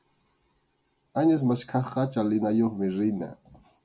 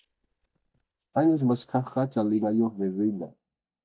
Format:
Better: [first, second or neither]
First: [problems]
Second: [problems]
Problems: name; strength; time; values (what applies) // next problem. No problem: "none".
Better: first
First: none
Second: noise reduction (neural mask model DeepFilterNet 3)